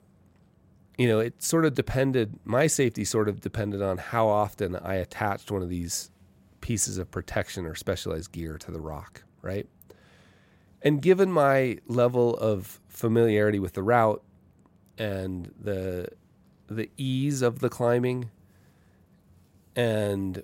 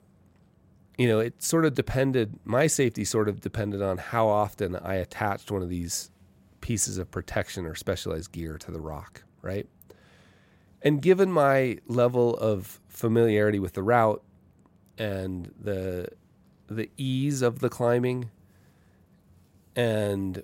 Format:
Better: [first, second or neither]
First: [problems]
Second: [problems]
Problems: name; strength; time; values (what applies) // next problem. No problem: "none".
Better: neither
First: none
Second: none